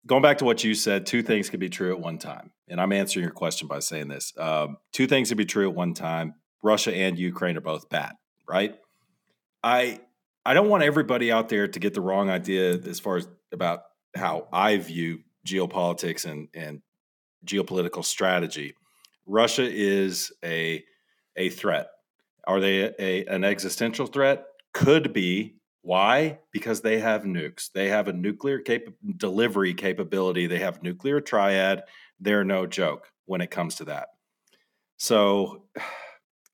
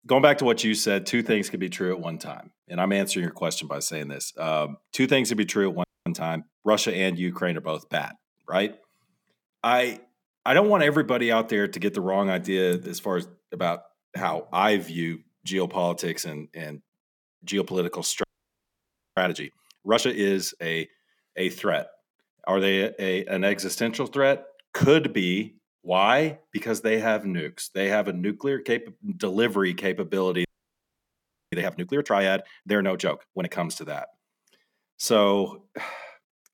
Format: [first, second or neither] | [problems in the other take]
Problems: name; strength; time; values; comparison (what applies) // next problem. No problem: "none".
first | audio freezing; at 6 s, at 18 s for 1 s and at 30 s for 1 s